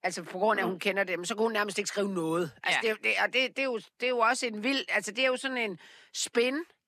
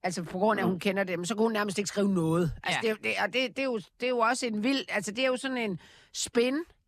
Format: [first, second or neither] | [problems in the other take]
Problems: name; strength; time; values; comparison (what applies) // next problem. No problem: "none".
second | thin; very slightly; fading below 300 Hz